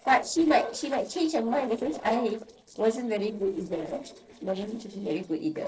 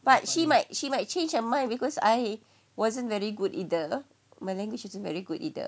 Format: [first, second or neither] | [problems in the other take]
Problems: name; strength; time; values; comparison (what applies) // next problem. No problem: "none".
second | noise reduction (neural separator model SepFormer DNS4)